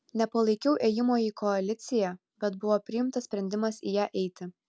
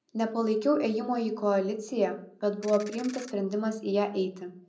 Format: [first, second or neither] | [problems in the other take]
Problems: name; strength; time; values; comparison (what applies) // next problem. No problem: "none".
first | background sound (Ratchet, pawl); 19 dB below the speech // room echo; dies away in 0.5 s